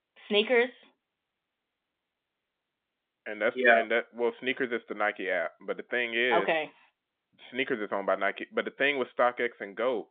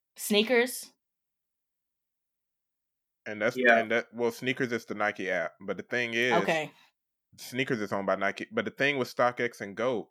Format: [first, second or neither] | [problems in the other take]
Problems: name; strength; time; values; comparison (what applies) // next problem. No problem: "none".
second | phone-call audio; nothing above 3.5 kHz